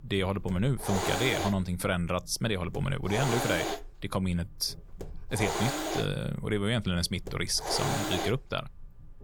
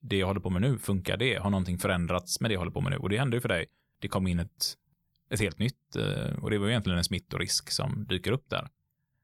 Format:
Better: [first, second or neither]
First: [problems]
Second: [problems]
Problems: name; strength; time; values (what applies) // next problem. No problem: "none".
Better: second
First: hiss; loud; throughout; 4 dB below the speech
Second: none